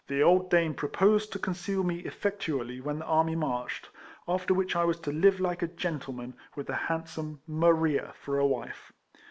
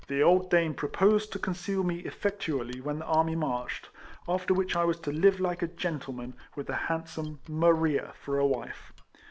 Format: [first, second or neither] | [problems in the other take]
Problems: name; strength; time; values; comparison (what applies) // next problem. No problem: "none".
first | background sound (Mechanisms); 19 dB below the speech